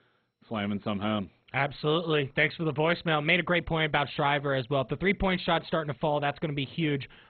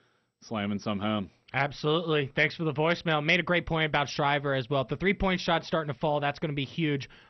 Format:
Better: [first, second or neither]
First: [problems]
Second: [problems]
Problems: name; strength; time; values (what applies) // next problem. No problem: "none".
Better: second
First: garbled, watery; badly; nothing above 4 kHz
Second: garbled, watery; slightly; nothing above 6 kHz